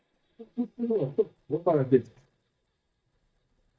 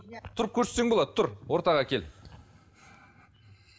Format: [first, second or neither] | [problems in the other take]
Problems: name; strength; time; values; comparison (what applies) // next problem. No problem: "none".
second | noise reduction (neural mask model DeepFilterNet 3)